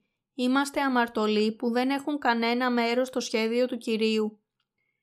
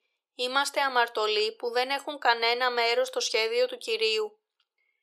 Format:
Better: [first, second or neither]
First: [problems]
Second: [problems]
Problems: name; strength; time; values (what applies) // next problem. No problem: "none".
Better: first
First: none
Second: thin; very; fading below 400 Hz